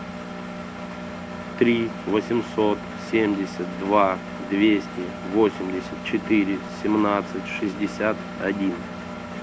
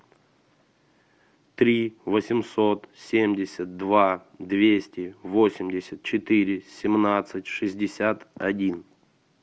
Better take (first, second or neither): second